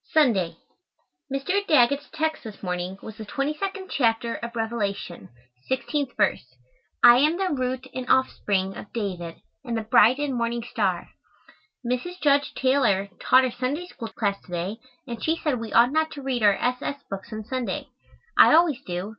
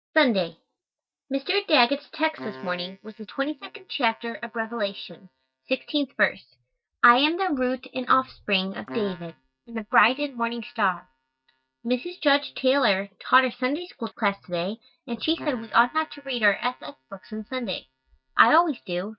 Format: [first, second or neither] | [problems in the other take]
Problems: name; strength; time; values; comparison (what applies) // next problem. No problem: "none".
first | noise reduction (neural mask model DeepFilterNet 3)